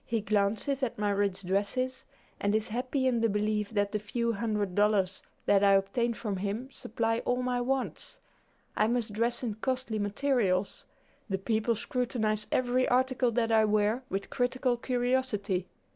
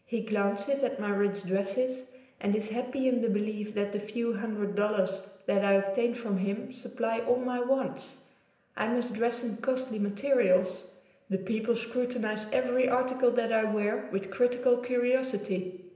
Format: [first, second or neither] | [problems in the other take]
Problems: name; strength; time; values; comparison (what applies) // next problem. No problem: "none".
first | room echo; dies away in 0.9 s